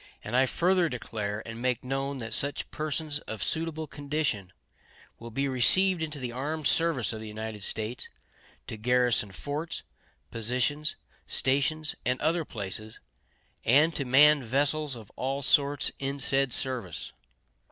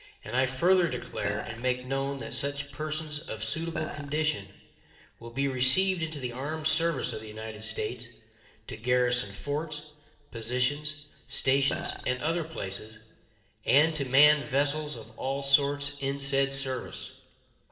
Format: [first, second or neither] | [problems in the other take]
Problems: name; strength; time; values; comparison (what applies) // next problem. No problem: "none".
first | background sound (Burping, eructation); 6 dB below the speech // room echo; dies away in 2.1 s